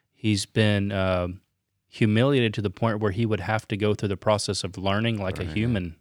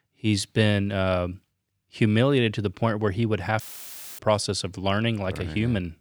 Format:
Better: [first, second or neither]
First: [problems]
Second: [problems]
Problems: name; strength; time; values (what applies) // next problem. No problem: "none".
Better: first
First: none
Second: audio cutting out; filled with static; at 3.5 s for 0.5 s